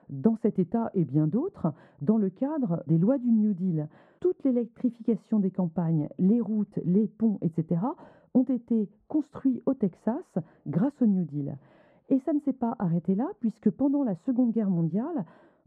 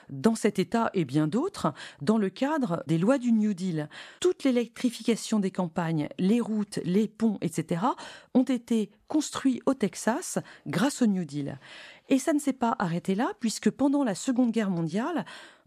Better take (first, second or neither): second